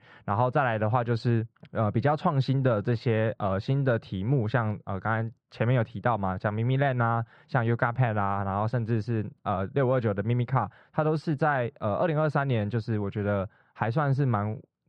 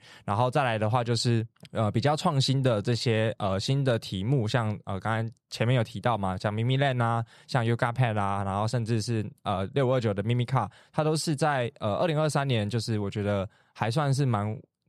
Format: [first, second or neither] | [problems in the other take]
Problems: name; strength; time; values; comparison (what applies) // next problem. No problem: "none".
second | muffled; very; fading above 2 kHz